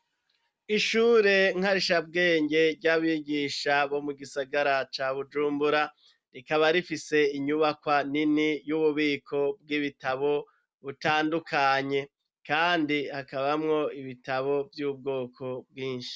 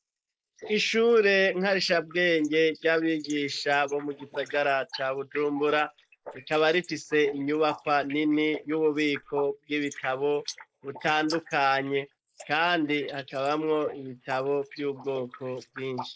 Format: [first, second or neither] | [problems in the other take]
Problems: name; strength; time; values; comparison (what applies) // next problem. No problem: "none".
first | noise reduction (neural mask model Resemble Enhance denoiser)